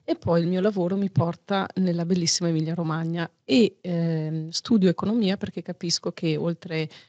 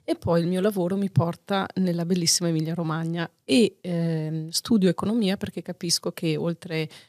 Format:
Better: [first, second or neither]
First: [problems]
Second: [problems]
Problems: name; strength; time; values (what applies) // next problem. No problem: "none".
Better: second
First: garbled, watery; slightly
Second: none